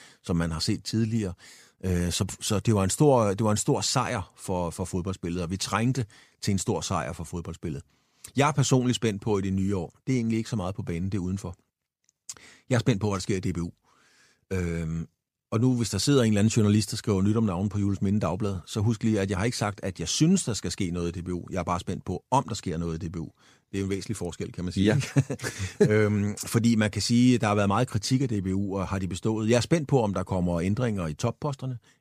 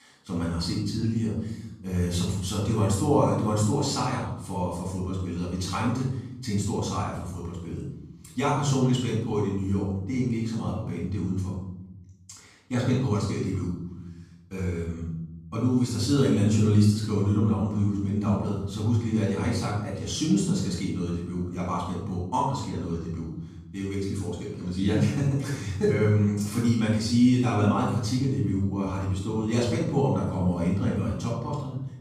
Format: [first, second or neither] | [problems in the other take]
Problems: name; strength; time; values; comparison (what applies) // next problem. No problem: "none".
first | room echo; noticeable; dies away in 1 s // off-mic speech; far